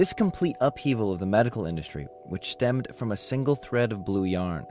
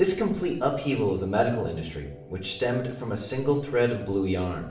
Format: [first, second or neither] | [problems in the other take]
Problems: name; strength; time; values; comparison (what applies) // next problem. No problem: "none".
first | room echo; dies away in 0.6 s